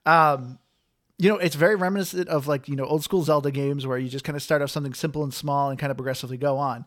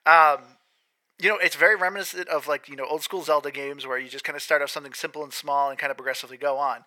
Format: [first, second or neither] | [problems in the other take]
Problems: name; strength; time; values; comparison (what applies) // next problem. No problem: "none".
first | thin; very; fading below 650 Hz